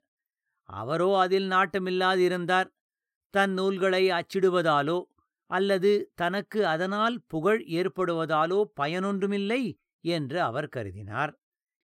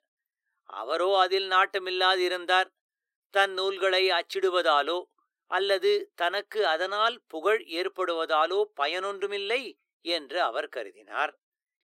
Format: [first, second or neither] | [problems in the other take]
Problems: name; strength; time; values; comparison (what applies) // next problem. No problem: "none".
first | thin; very; fading below 400 Hz